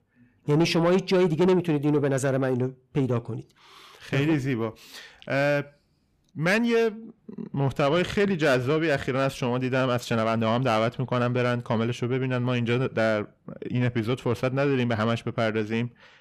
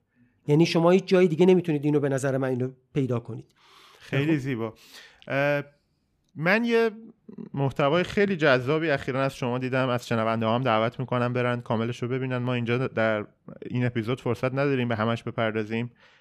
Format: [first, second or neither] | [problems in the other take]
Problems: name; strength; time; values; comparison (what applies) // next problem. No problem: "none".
second | distortion; slight; 10 dB below the speech